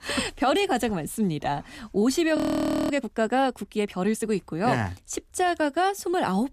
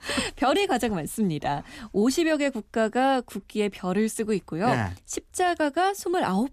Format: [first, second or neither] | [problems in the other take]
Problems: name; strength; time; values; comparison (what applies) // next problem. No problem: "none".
second | audio freezing; at 2.5 s for 0.5 s